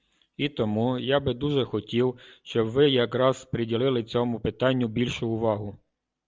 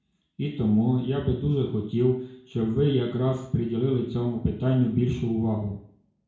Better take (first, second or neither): first